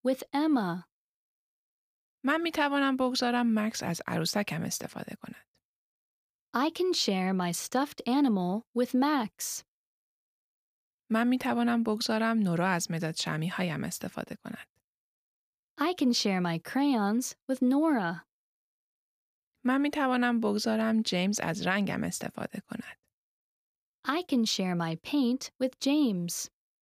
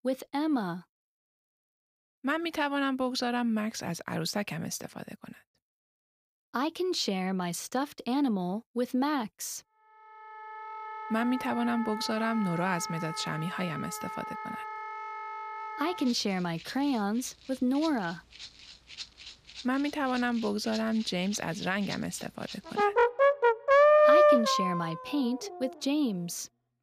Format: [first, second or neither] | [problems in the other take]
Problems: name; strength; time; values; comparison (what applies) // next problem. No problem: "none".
first | background music; very loud; from 10 s on; 3 dB above the speech